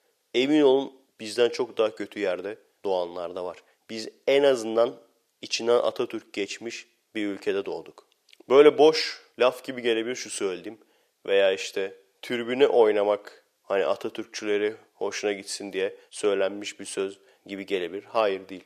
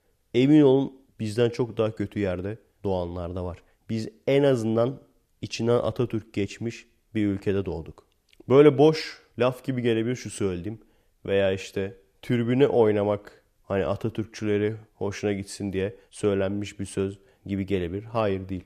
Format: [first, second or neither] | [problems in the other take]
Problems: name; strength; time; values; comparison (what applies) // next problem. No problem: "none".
second | thin; somewhat; fading below 500 Hz